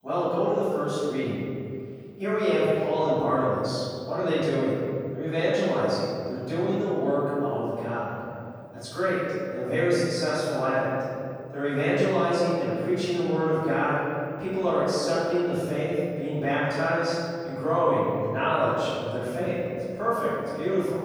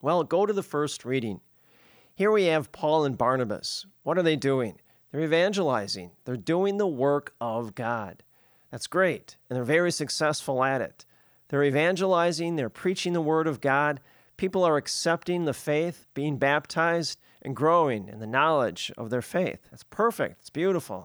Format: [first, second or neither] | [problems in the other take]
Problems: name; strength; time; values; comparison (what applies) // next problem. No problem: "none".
second | off-mic speech; far // room echo; strong; dies away in 2.4 s